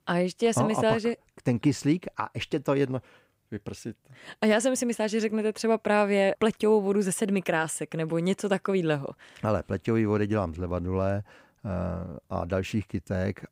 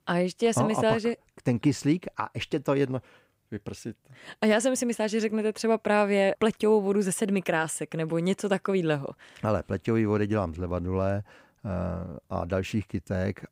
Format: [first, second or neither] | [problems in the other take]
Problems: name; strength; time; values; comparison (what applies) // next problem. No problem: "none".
neither | none